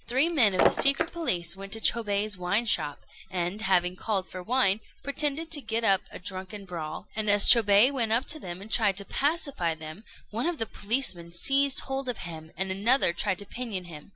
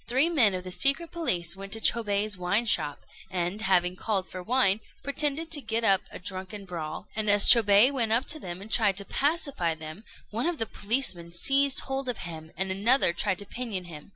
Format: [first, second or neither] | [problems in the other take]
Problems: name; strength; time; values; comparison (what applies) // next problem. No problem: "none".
second | background sound (Shatter); 1 dB below the speech